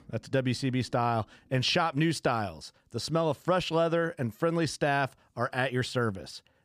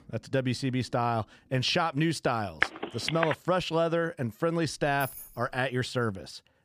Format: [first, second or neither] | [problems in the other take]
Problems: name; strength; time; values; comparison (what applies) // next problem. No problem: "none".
first | phone ringing; noticeable; at 2.5 s; peak 1 dB below the speech // jangling keys; faint; at 5 s; peak 10 dB below the speech